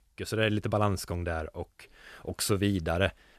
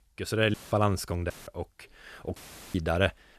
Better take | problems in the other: first | audio cutting out; filled with static; at 0.5 s, at 1.5 s and at 2.5 s

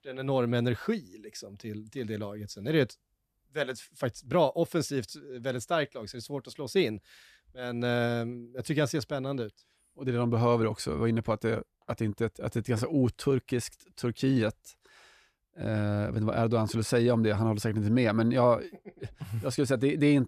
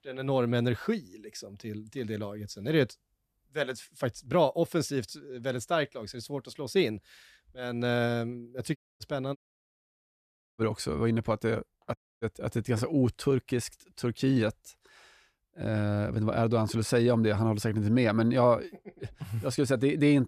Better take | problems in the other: first | audio cutting out; at 9 s, at 9.5 s for 1 s and at 12 s

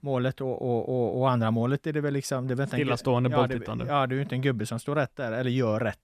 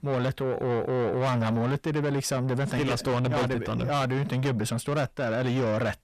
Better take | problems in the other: first | distortion; heavy; 7 dB below the speech

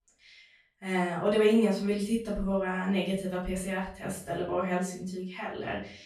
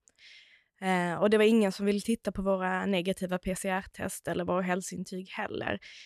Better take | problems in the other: second | room echo; slight; dies away in 0.4 s // off-mic speech; far

